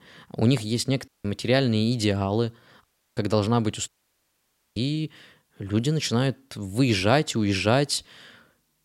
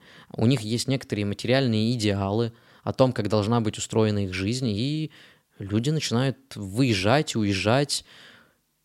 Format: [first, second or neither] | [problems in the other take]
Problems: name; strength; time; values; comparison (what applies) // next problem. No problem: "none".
second | audio cutting out; at 1 s, at 3 s and at 4 s for 1 s